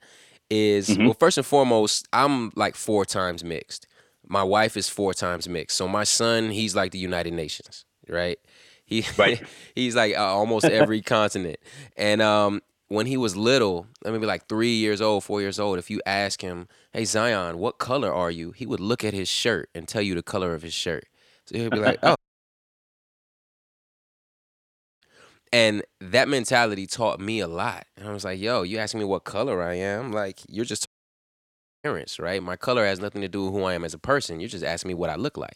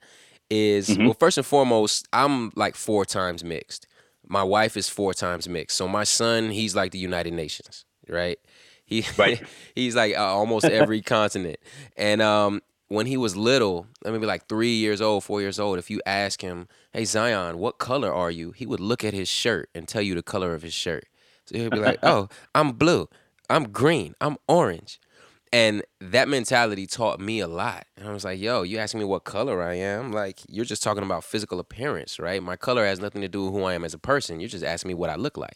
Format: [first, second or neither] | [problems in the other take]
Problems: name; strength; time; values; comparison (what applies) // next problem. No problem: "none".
second | audio cutting out; at 22 s for 3 s and at 31 s for 1 s